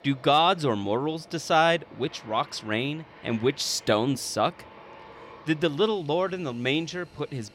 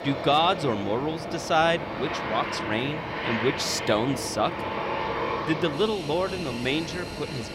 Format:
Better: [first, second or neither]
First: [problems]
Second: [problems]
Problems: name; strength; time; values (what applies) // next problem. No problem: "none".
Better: first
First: train or aircraft noise; faint; throughout; 25 dB below the speech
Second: train or aircraft noise; loud; throughout; 5 dB below the speech